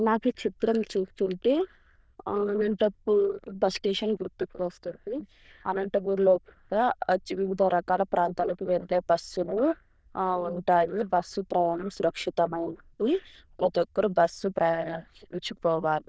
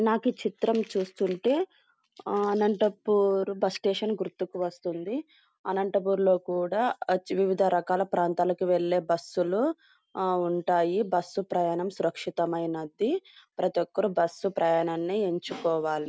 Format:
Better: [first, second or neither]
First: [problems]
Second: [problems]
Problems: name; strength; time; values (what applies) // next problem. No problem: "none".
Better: second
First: noise reduction (neural diffusion model UNIVERSE++)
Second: none